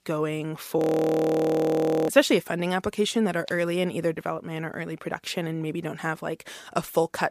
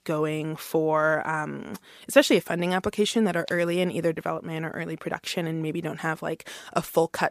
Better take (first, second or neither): second